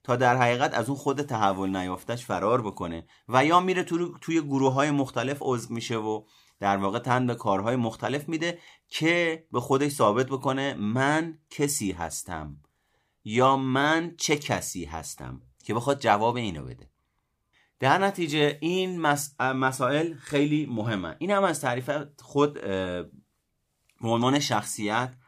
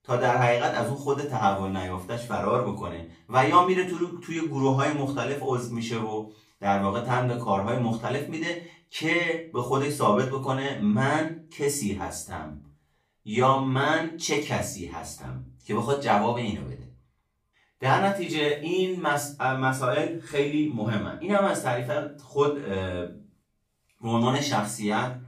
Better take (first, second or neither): first